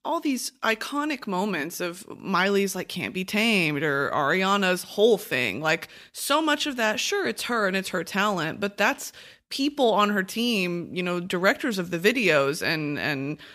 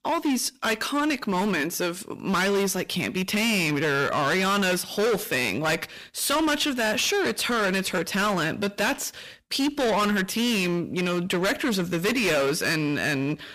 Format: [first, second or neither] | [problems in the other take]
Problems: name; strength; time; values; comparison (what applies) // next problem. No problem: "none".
first | distortion; heavy; 21% of the sound clipped